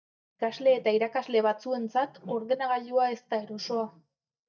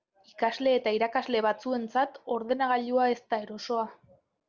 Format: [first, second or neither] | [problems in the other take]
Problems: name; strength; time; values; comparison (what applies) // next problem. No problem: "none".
second | noise reduction (neural mask model DeepFilterNet 3)